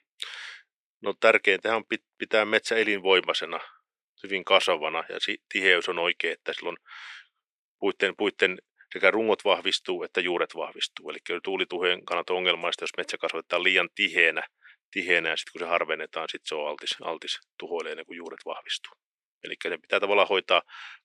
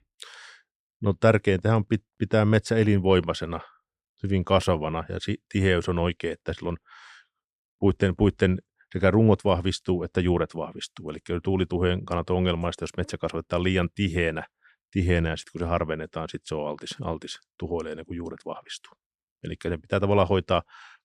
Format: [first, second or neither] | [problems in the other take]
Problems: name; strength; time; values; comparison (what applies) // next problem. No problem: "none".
second | thin; very; fading below 400 Hz